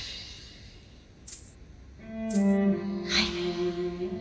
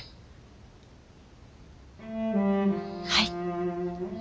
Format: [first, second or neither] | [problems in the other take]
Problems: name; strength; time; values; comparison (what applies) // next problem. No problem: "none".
second | background sound (Rattle (instrument)); 17 dB below the speech // room echo; dies away in 2.4 s